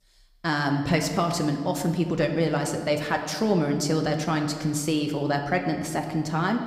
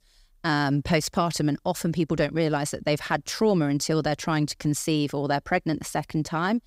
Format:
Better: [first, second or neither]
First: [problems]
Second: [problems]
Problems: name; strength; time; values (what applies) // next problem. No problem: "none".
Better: second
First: room echo; slight; dies away in 1.3 s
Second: none